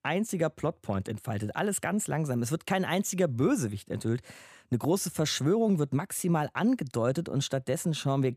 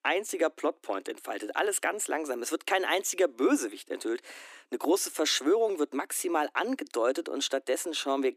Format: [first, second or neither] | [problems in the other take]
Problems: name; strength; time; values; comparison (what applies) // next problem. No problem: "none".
first | thin; somewhat; fading below 300 Hz